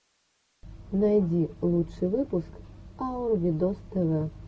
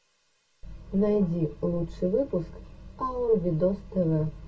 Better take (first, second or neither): first